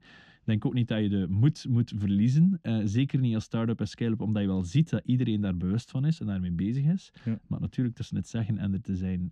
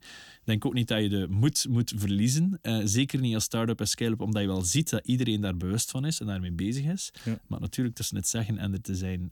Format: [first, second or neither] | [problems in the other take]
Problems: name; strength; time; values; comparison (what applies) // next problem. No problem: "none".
second | muffled; slightly; fading above 3 kHz